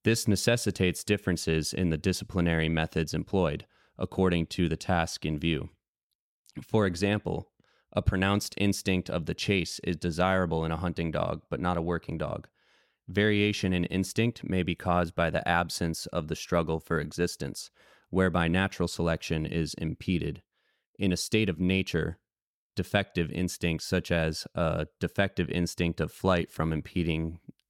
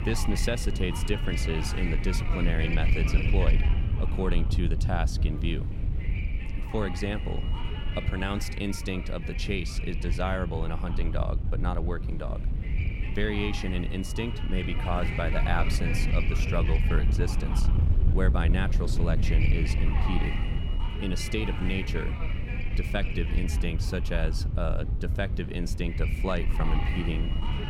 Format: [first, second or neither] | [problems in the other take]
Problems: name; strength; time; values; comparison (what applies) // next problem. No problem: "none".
first | wind noise on the microphone; heavy; 4 dB below the speech